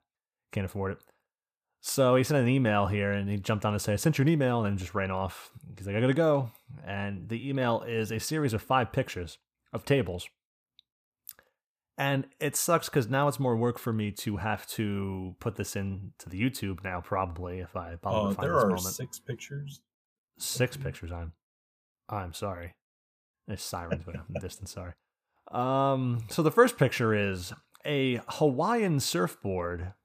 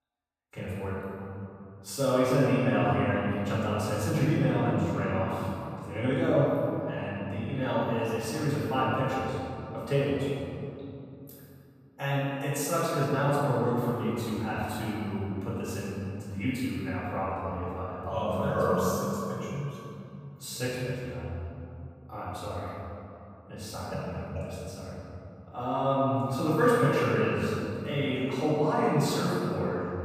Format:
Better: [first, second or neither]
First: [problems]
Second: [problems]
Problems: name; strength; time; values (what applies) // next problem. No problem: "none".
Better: first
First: none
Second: room echo; strong; dies away in 2.7 s // off-mic speech; far